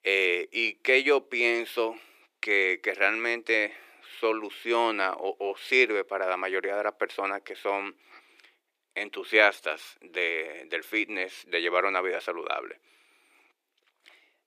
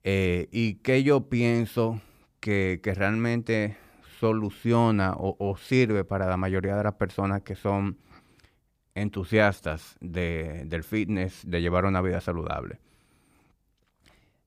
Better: second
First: thin; very; fading below 350 Hz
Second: none

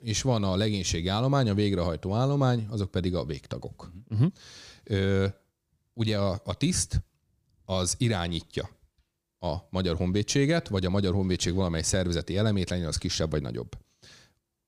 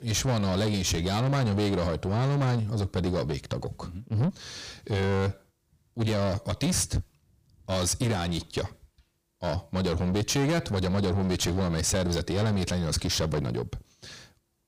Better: first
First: none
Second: distortion; heavy; 7 dB below the speech

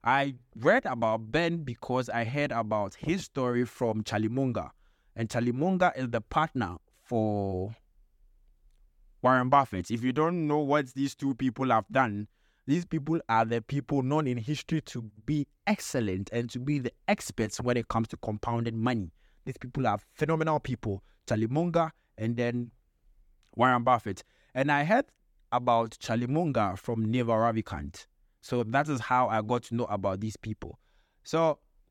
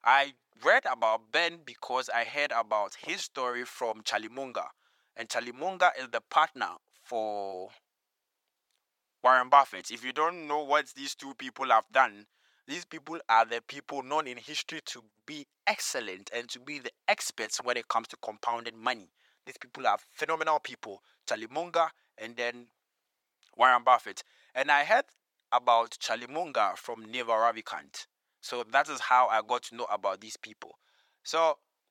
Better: first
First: none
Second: thin; very; fading below 800 Hz

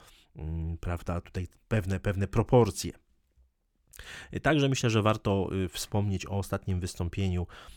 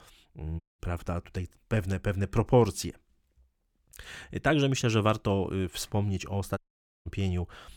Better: first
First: none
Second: audio cutting out; at 0.5 s and at 6.5 s

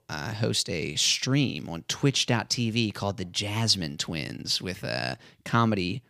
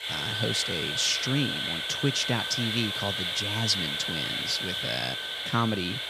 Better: first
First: none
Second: animal sounds; very loud; throughout; 1 dB above the speech

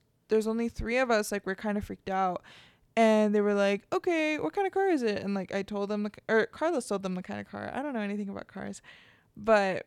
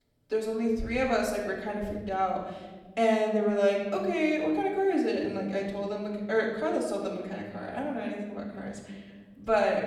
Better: first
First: none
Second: off-mic speech; far // room echo; noticeable; dies away in 1.2 s

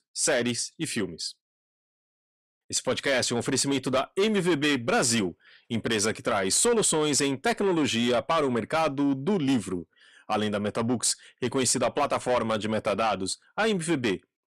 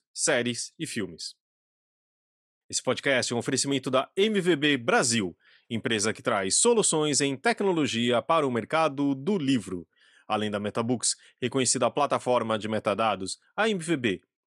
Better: second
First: distortion; slight; 10 dB below the speech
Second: none

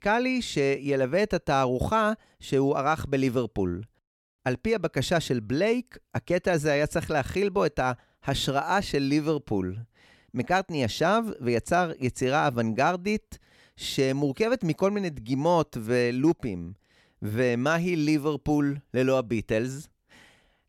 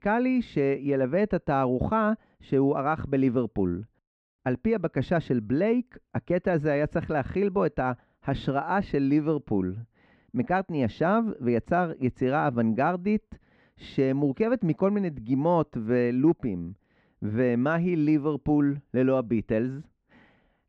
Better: first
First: none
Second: muffled; very; fading above 2 kHz

